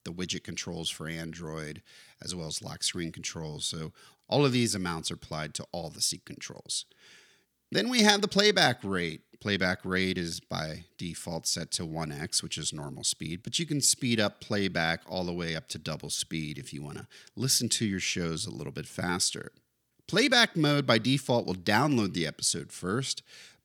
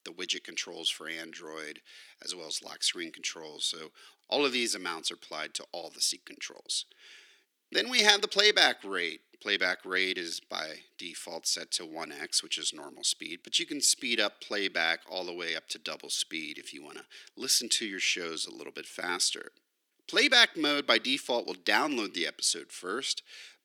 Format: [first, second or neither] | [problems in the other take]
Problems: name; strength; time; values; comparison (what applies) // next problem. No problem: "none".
first | thin; somewhat; fading below 300 Hz